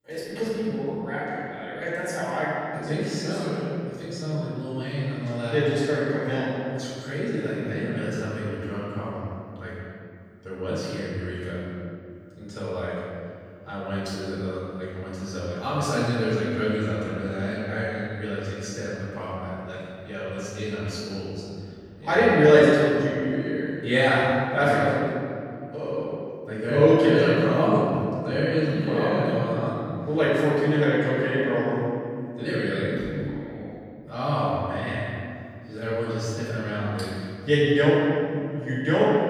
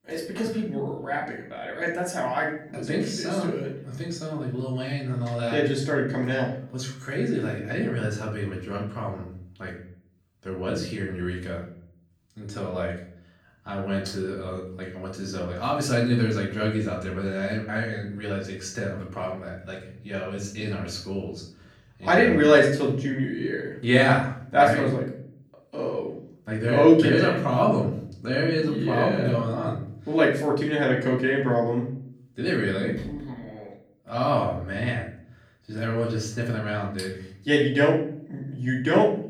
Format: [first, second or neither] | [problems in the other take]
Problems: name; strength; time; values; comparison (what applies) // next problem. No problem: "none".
second | room echo; strong; dies away in 2.2 s; slight in the second // off-mic speech; far; far in the second